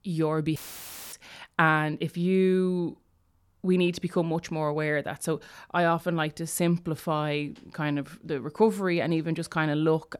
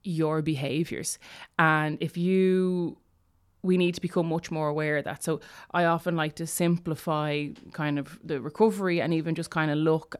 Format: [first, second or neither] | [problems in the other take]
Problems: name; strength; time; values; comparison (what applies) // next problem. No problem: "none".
second | audio cutting out; filled with static; at 0.5 s for 0.5 s